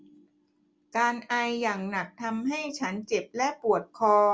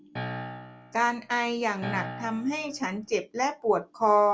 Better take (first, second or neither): first